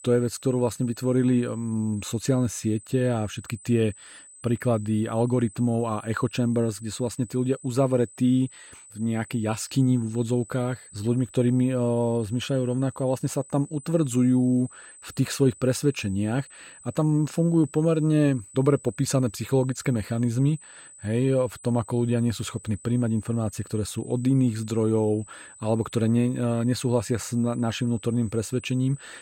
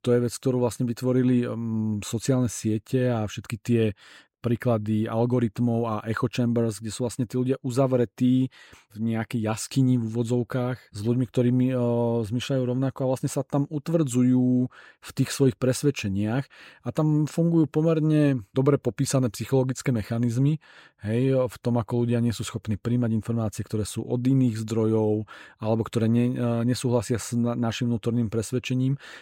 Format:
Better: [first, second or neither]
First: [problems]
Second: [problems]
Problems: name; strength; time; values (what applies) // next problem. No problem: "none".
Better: second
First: high-pitched whine; faint; throughout; 8 kHz, 20 dB below the speech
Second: none